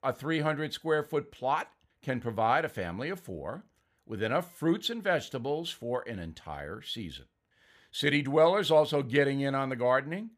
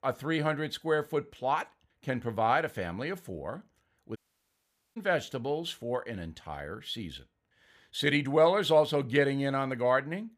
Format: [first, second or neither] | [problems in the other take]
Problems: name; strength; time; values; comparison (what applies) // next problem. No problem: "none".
first | audio cutting out; at 4 s for 1 s